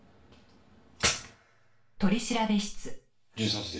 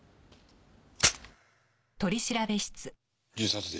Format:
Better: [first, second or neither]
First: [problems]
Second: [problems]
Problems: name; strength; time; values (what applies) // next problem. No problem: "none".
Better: second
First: room echo; dies away in 0.3 s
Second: none